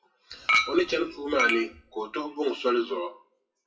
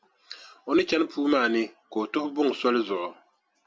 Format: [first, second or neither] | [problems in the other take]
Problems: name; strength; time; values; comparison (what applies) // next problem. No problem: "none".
second | noise reduction (classical method WPE with log-MMSE)